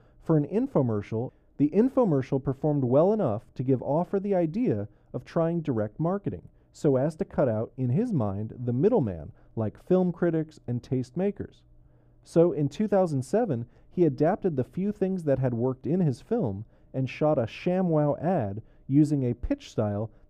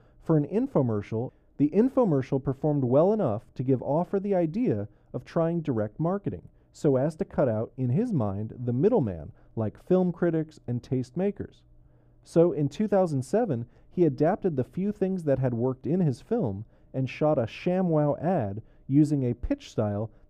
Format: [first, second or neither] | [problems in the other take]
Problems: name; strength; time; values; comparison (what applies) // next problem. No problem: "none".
neither | muffled; very; fading above 1.5 kHz; the same in both